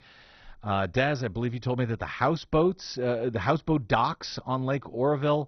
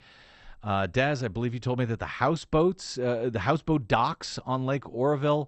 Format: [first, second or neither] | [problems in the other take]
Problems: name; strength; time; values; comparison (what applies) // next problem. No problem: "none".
second | garbled, watery; badly; nothing above 6 kHz; slightly in the second